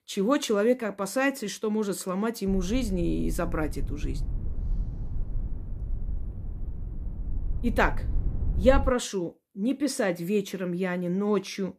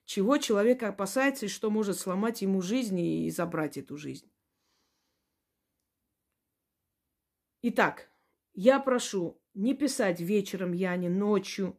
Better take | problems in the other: second | low rumble; faint; from 2.5 to 9 s; 20 dB below the speech

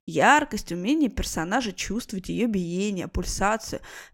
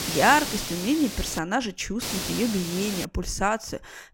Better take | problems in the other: first | hiss; loud; until 1.5 s and from 2 to 3 s; 5 dB below the speech

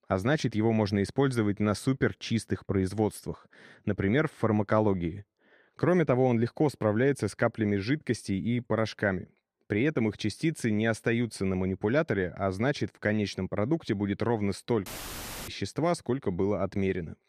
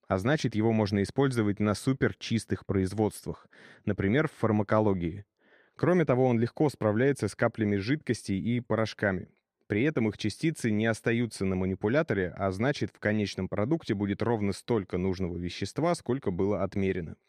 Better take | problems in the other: second | audio cutting out; filled with static; at 15 s for 0.5 s

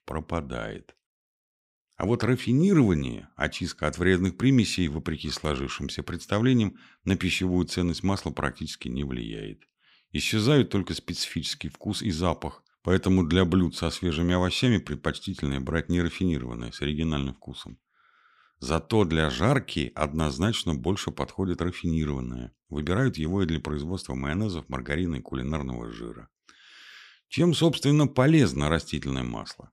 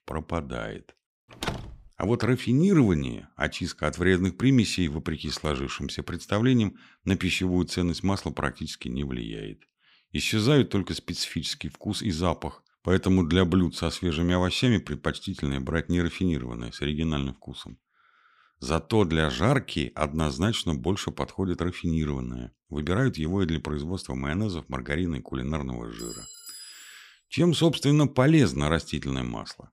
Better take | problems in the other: first | door banging; noticeable; at 1.5 s; peak 7 dB below the speech // clattering dishes; faint; from 26 to 27 s; peak 15 dB below the speech

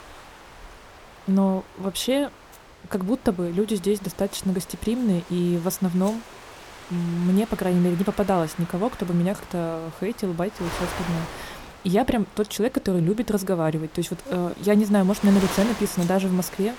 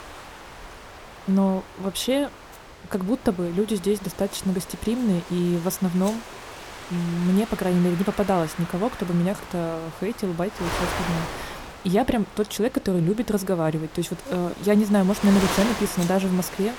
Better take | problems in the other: first | wind noise on the microphone; heavy; 7 dB below the speech; occasional gusts in the first

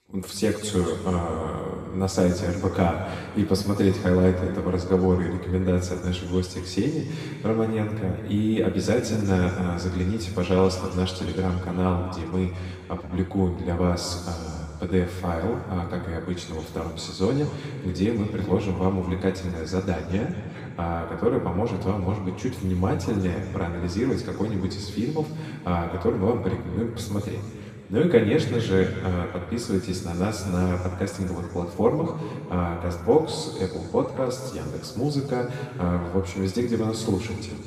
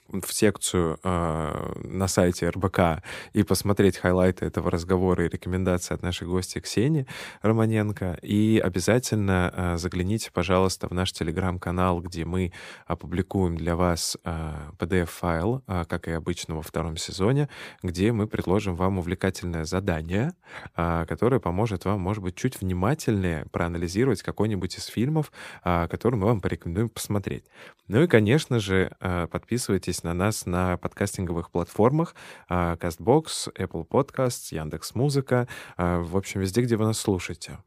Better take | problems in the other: second | room echo; noticeable; dies away in 2.1 s // off-mic speech; far

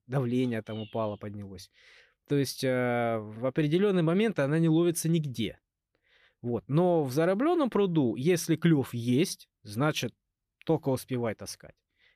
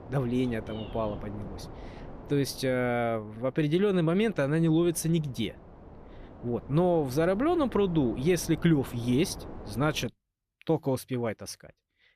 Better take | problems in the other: first | wind noise on the microphone; occasional gusts; until 10 s; 20 dB below the speech

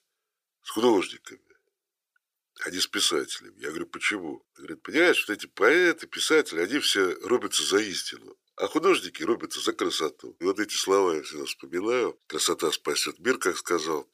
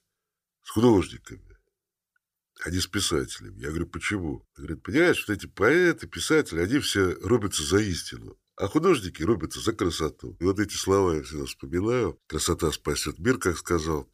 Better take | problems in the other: second | thin; somewhat; fading below 450 Hz

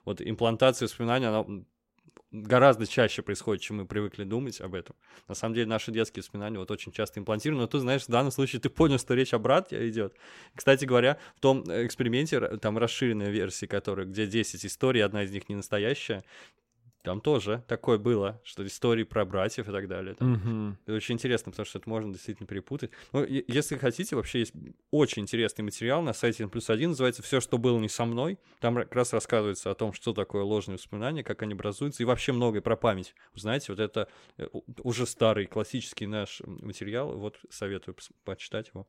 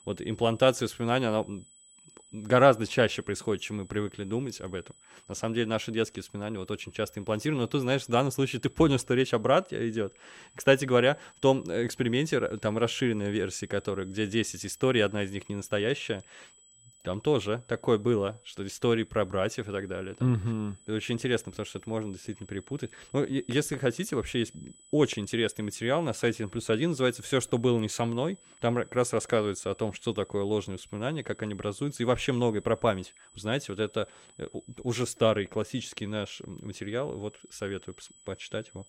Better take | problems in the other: first | high-pitched whine; faint; throughout; 8 kHz, 25 dB below the speech

